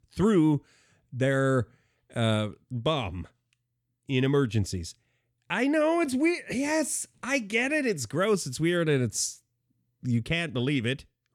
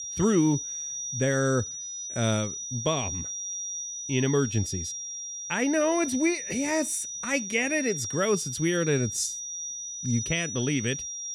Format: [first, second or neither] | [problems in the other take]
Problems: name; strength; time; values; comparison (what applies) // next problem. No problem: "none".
first | high-pitched whine; loud; throughout; 6 kHz, 5 dB below the speech